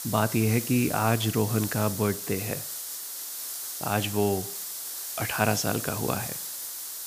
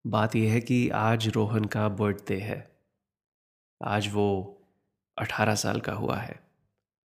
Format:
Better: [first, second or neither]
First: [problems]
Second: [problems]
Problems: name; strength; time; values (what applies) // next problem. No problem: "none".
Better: second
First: hiss; loud; throughout; 6 dB below the speech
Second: none